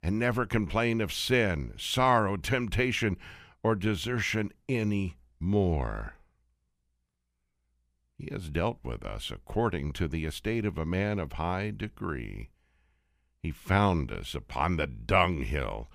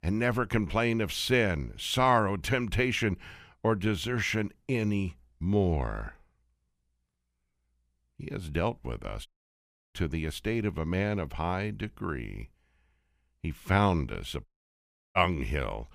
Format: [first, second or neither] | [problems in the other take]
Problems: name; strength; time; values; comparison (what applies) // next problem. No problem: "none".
first | audio cutting out; at 9.5 s for 0.5 s and at 14 s for 0.5 s